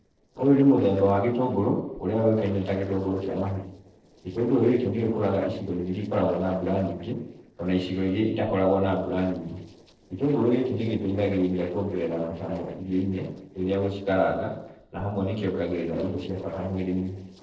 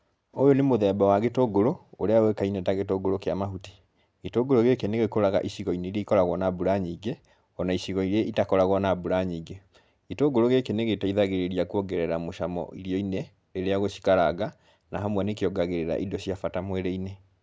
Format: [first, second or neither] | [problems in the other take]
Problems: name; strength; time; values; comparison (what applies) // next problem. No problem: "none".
second | noise reduction (neural separator model SepFormer DNS4)